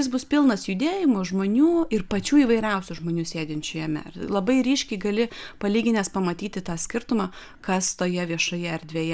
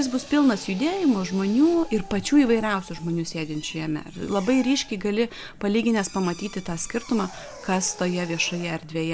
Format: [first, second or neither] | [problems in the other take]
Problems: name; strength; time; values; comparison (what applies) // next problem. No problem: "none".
first | background sound (Drill); 20 dB below the speech